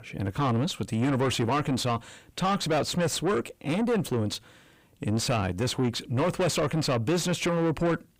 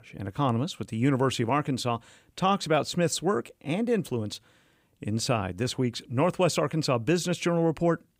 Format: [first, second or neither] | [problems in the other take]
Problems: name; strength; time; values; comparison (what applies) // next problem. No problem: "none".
second | distortion; heavy; 6 dB below the speech